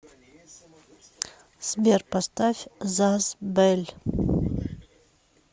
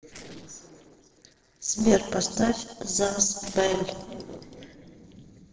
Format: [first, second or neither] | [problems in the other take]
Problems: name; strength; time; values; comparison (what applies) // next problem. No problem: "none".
first | noise reduction (neural separator model SepFormer DNS4)